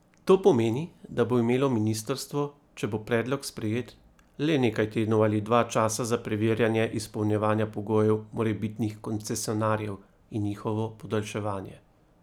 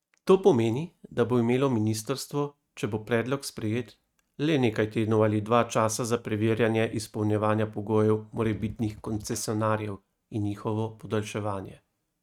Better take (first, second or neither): first